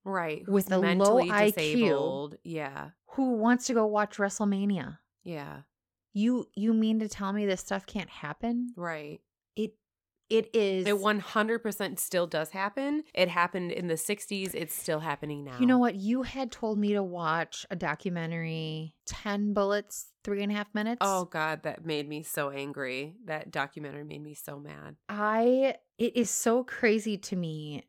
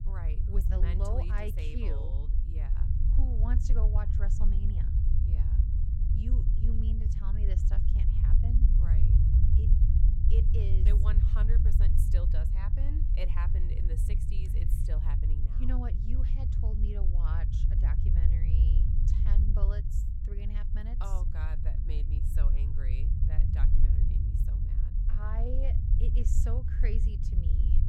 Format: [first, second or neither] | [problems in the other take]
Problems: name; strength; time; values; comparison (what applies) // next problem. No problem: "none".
first | low rumble; loud; throughout; as loud as the speech